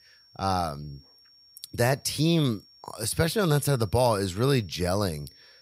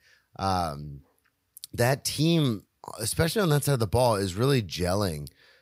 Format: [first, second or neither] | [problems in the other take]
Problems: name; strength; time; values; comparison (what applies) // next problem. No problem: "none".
second | high-pitched whine; faint; throughout; 5.5 kHz, 25 dB below the speech